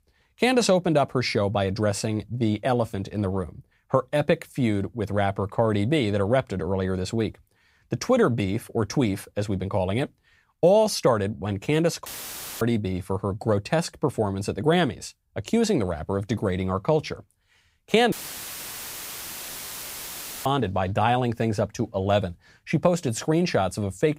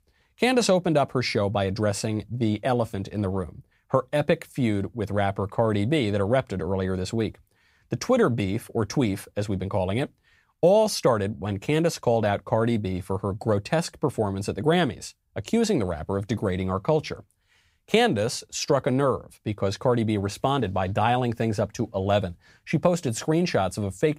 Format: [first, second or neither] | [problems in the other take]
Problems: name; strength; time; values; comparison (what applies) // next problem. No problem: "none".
second | audio cutting out; filled with static; at 12 s for 0.5 s and at 18 s for 2.5 s